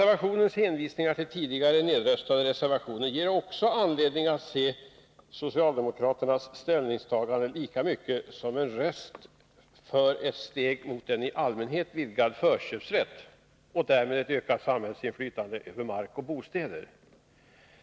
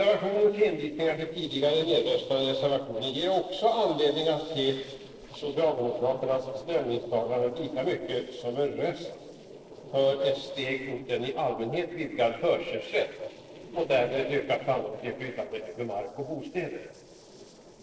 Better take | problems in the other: first | noise reduction (neural separator model SepFormer DNS4)

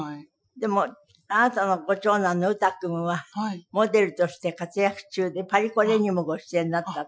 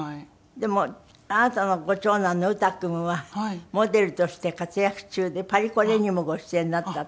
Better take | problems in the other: second | noise reduction (classical method Wiener filter)

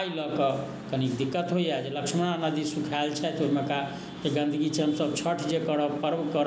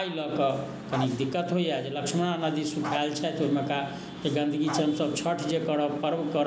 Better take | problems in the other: first | background sound (Bark); 12 dB below the speech

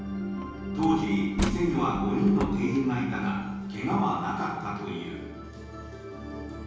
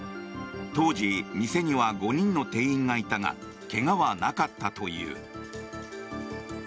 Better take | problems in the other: second | background sound (Slam); 10 dB below the speech // room echo; dies away in 1.3 s

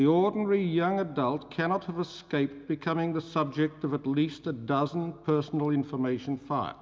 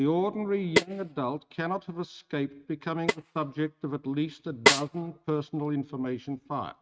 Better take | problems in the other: first | noise reduction (neural mask model RNNoise)

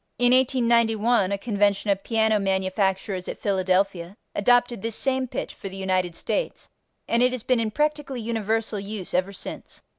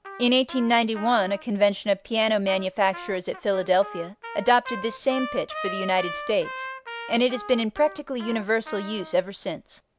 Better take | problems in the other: first | background sound (Trumpet); 14 dB below the speech

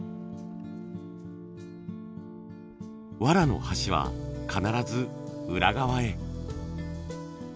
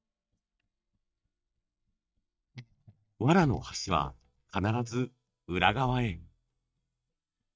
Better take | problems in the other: first | noise reduction (neural mask model DeepFilterNet 3)

